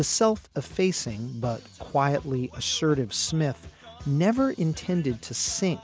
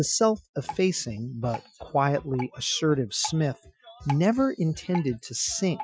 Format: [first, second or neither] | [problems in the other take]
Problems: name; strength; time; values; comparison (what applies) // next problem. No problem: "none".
first | noise reduction (classical method Wiener filter)